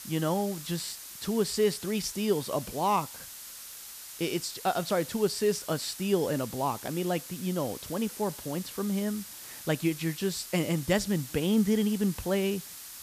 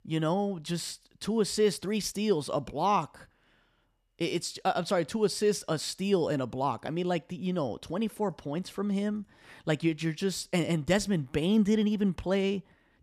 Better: second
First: hiss; noticeable; throughout; 10 dB below the speech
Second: none

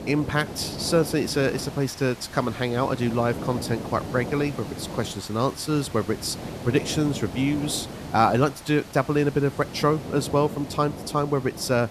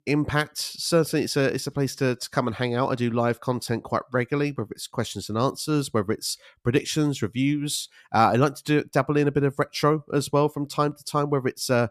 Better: second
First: hiss; noticeable; throughout; 10 dB below the speech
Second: none

